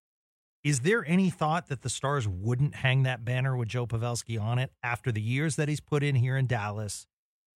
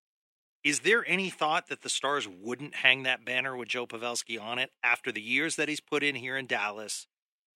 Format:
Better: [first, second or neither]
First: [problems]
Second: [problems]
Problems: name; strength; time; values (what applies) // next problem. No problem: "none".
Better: first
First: none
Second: thin; very; fading below 250 Hz